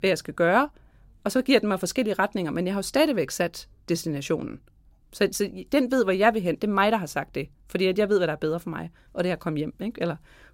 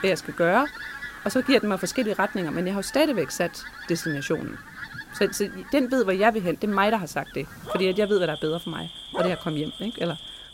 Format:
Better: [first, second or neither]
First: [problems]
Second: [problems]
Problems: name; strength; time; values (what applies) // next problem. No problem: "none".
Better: first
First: none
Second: animal sounds; noticeable; throughout; 10 dB below the speech